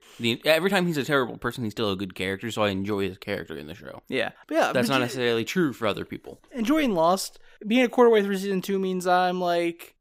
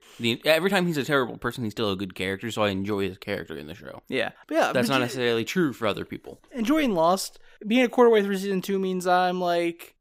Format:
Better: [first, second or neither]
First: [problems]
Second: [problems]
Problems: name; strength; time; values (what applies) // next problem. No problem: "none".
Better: neither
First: none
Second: none